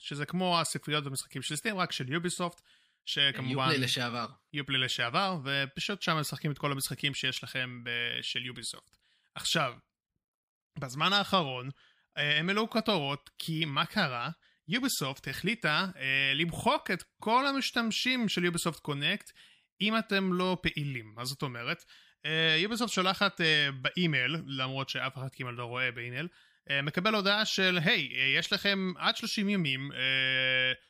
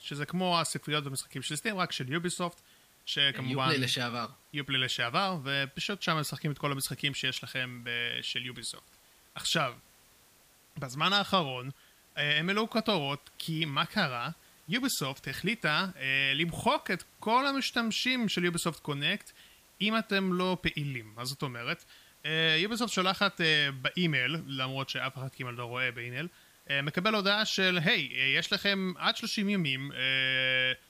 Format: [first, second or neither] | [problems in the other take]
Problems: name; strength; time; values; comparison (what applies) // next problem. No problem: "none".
first | hiss; faint; throughout; 30 dB below the speech